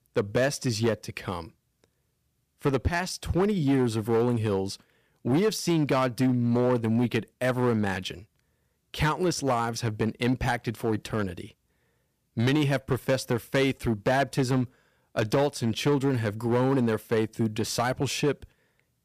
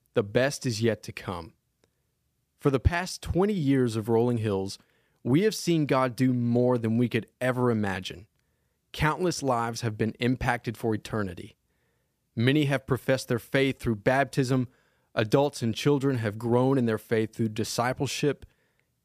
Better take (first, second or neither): second